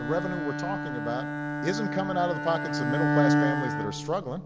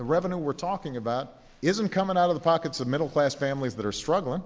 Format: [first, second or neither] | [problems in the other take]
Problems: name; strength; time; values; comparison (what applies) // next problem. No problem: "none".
second | background sound (Bowed string instrument); 2 dB above the speech